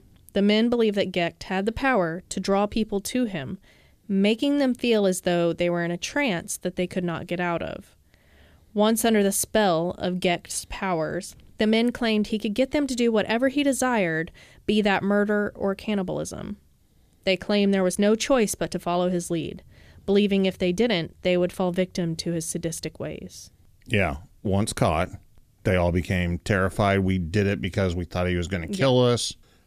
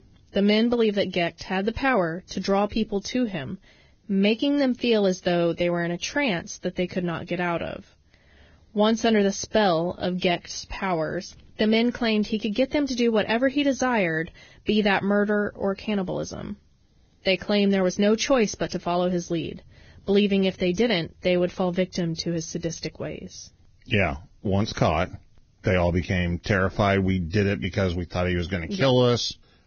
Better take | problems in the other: first | garbled, watery; badly; nothing above 6.5 kHz

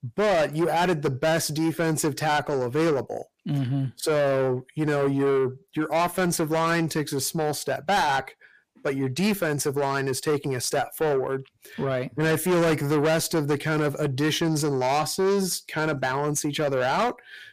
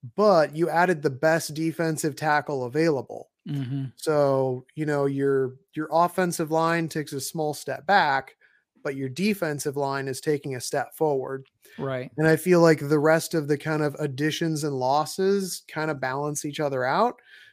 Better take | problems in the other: second | distortion; heavy; 6 dB below the speech

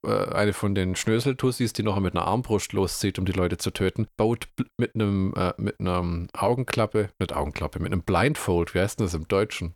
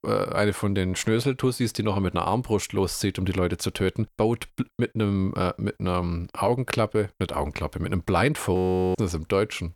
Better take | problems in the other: first | audio freezing; at 8.5 s

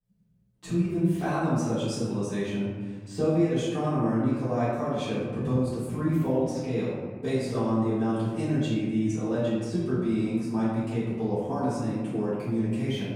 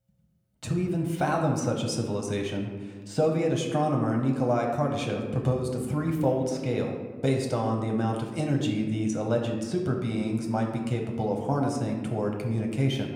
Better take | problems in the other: second | room echo; strong; dies away in 1.5 s; slight in the second // off-mic speech; far

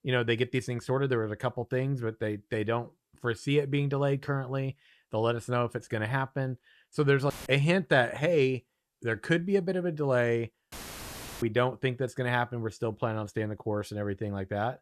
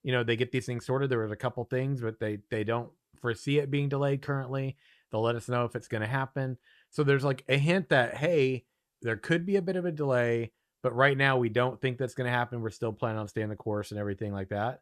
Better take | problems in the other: second | audio cutting out; filled with static; at 7.5 s and at 11 s for 0.5 s

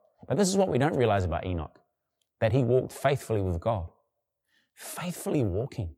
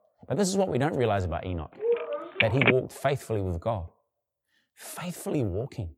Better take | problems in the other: first | phone ringing; loud; at 2 s; peak 6 dB above the speech

